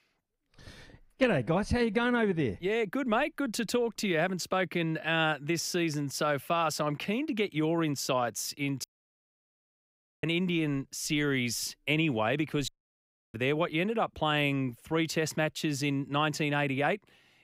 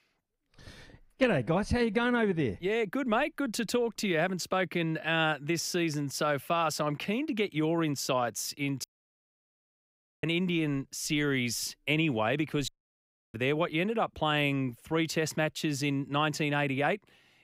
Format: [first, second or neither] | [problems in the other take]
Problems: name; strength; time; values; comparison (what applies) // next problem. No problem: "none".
neither | audio cutting out; at 9 s for 1.5 s and at 13 s for 0.5 s; the same in both